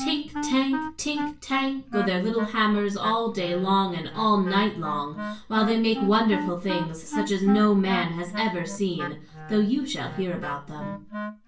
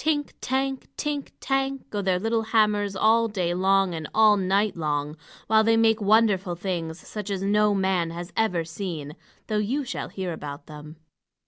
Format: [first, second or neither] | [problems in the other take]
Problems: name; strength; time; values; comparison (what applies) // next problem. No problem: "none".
second | background sound (Wind instrument, woodwind instrument); 10 dB below the speech // room echo; dies away in 0.3 s